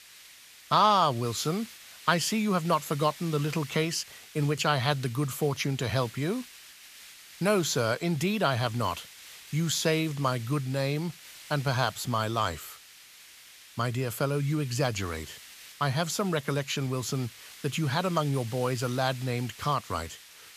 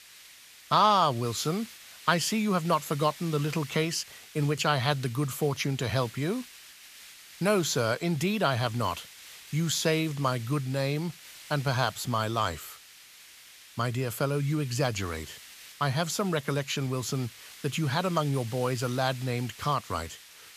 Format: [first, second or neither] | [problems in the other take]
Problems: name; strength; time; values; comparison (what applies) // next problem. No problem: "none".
neither | hiss; noticeable; throughout; 20 dB below the speech; the same in both